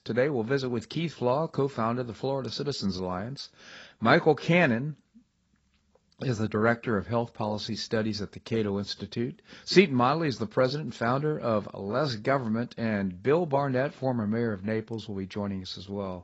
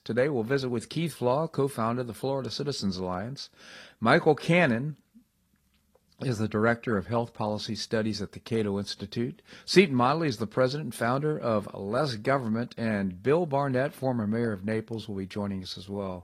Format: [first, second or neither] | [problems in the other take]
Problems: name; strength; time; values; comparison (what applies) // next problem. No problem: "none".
second | garbled, watery; badly; nothing above 7.5 kHz; slightly in the second